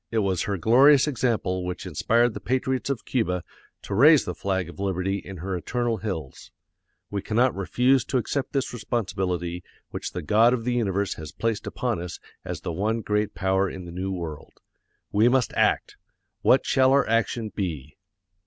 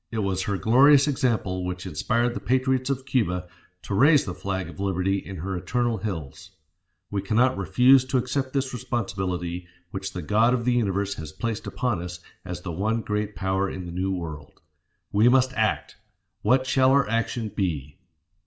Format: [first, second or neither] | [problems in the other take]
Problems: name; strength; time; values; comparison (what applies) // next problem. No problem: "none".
first | room echo; dies away in 0.4 s